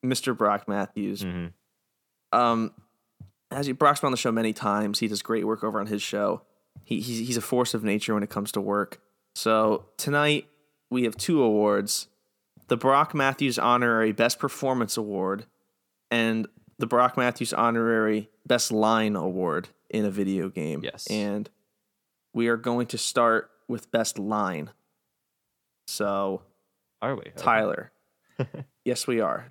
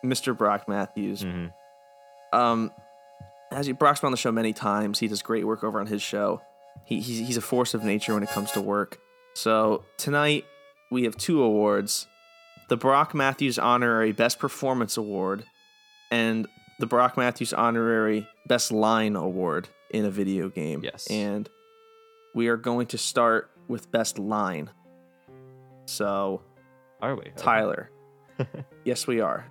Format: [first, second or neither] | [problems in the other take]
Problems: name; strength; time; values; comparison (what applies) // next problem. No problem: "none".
first | background music; faint; throughout; 25 dB below the speech